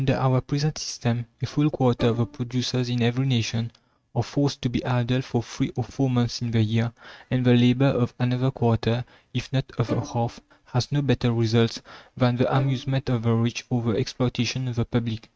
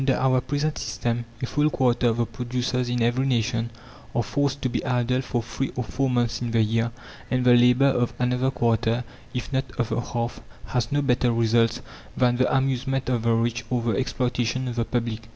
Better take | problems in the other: second | noise reduction (neural mask model RNNoise)

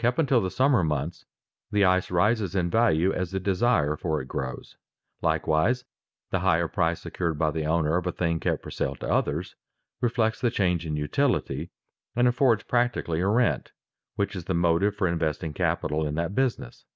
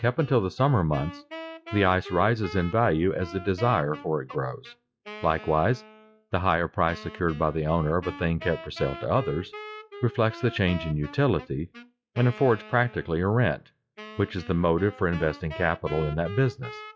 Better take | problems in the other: first | noise reduction (classical method log-MMSE)

